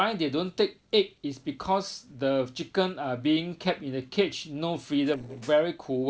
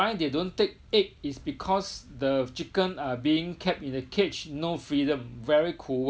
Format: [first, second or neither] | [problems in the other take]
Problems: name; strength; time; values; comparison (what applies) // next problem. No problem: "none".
second | noise reduction (neural separator model SepFormer DNS4)